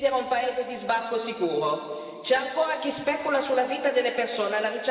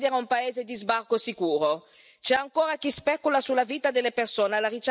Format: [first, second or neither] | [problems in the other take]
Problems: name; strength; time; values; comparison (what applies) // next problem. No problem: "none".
second | room echo; dies away in 2.7 s